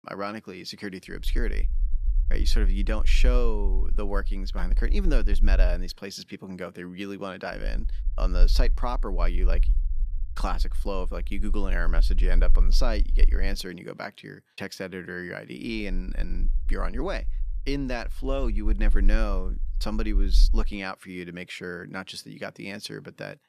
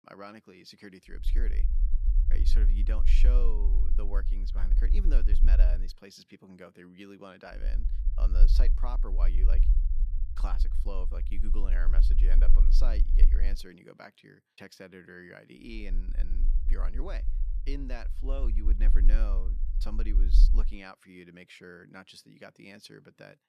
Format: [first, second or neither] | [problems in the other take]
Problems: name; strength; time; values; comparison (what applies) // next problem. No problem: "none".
first | low rumble; loud; from 1 to 6 s, from 7.5 to 13 s and from 16 to 21 s; 8 dB below the speech; faint in the first